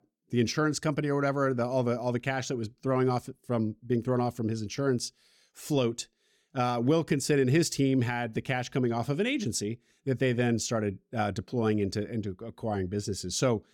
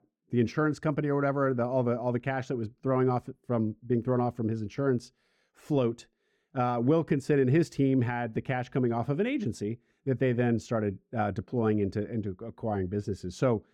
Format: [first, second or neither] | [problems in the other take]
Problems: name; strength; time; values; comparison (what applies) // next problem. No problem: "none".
first | muffled; slightly; fading above 3 kHz